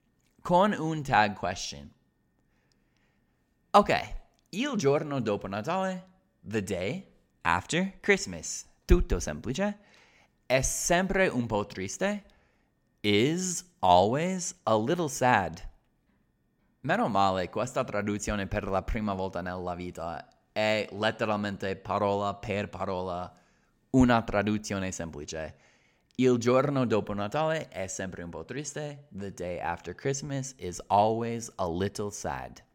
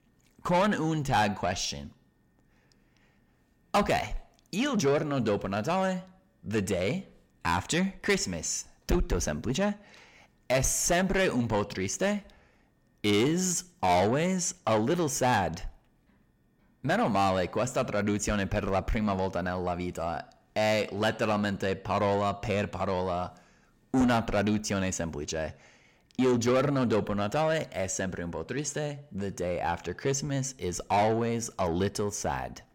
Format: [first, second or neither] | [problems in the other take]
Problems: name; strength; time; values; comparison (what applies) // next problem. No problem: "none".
first | distortion; heavy; 8 dB below the speech